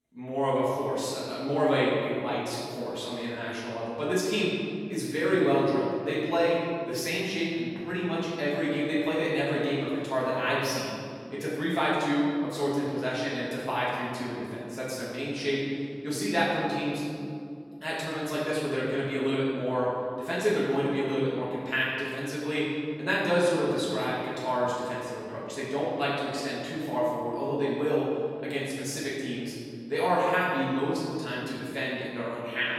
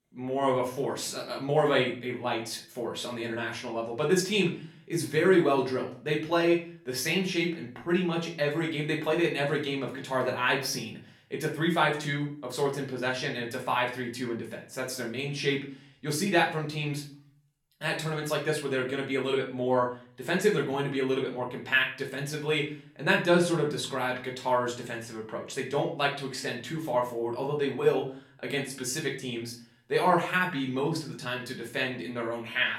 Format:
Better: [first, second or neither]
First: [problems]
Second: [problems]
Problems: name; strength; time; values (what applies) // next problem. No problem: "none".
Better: second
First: room echo; strong; dies away in 2.2 s // off-mic speech; far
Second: room echo; slight; dies away in 0.4 s // off-mic speech; far